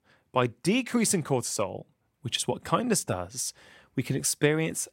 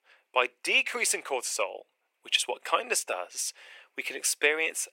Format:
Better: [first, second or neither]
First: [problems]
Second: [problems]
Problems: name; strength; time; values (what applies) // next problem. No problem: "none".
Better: first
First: none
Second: thin; very; fading below 450 Hz